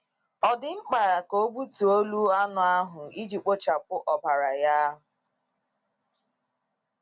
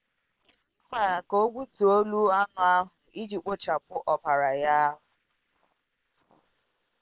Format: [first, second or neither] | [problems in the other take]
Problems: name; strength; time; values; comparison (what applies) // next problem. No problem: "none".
first | noise reduction (neural separator model SepFormer WHAM!)